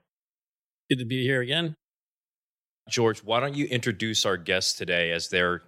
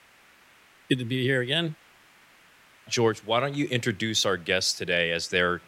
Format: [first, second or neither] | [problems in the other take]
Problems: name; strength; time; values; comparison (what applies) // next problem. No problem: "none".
first | hiss; faint; throughout; 30 dB below the speech